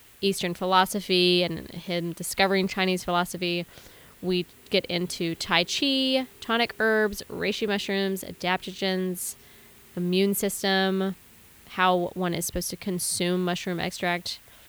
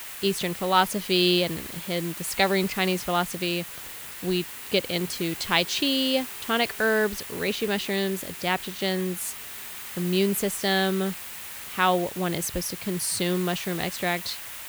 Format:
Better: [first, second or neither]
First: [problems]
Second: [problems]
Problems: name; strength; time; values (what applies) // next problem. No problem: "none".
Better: first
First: hiss; faint; throughout; 25 dB below the speech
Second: hiss; loud; throughout; 10 dB below the speech